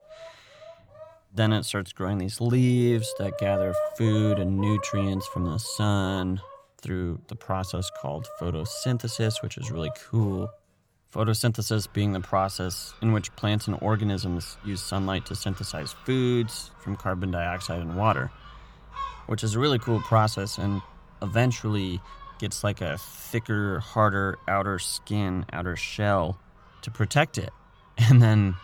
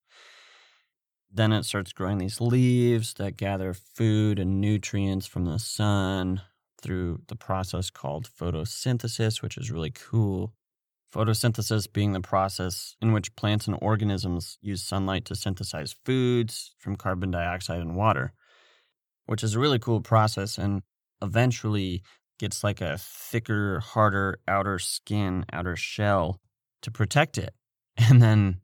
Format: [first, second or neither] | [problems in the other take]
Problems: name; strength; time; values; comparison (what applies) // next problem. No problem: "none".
second | animal sounds; noticeable; throughout; 15 dB below the speech